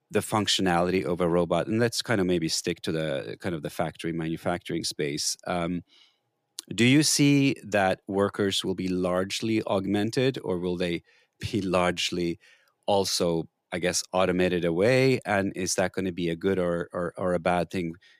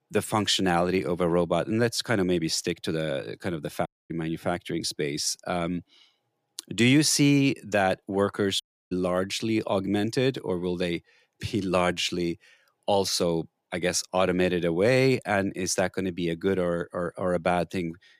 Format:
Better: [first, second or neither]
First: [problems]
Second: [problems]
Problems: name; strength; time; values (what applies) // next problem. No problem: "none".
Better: first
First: none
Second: audio cutting out; at 4 s and at 8.5 s